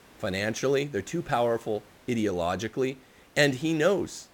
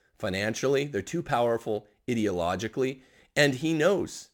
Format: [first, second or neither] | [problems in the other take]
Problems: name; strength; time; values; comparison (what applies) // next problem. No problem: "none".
second | hiss; faint; throughout; 25 dB below the speech